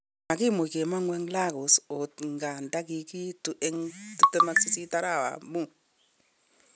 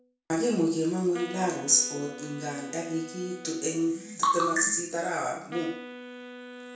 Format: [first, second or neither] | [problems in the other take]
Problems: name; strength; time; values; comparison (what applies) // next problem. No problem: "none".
first | background sound (Wind instrument, woodwind instrument); 16 dB below the speech // room echo; dies away in 0.5 s